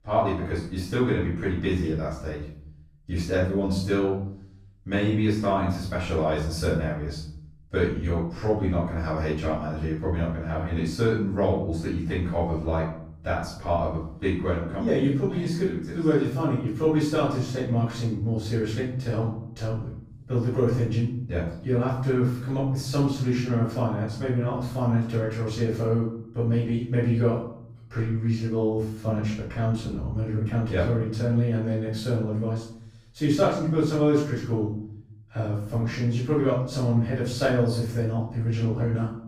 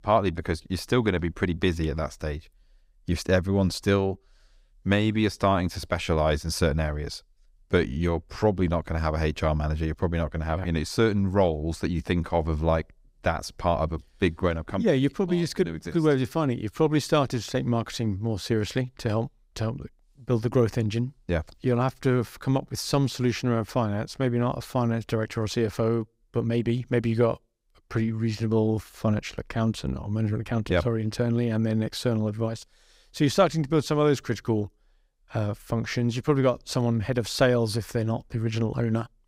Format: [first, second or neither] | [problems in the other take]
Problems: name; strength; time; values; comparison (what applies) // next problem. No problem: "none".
second | off-mic speech; far // room echo; noticeable; dies away in 0.7 s